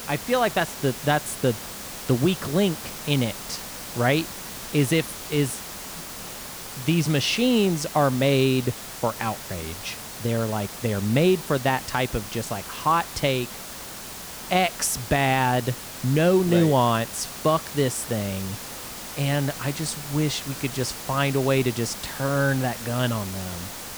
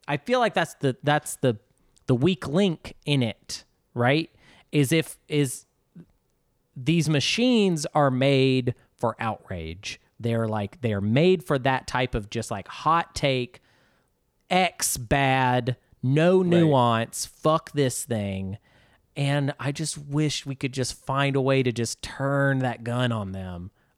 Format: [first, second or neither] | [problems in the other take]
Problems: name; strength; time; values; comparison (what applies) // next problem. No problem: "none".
second | hiss; noticeable; throughout; 10 dB below the speech